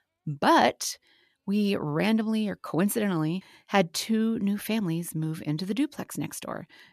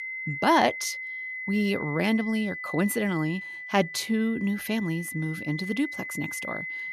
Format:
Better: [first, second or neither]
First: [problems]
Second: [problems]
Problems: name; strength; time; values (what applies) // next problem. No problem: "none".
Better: first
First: none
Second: high-pitched whine; loud; throughout; 2 kHz, 7 dB below the speech